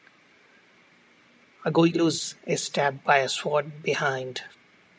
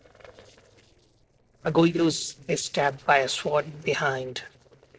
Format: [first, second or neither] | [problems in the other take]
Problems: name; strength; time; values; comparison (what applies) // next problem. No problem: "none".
first | noise reduction (neural separator model SepFormer DNS4)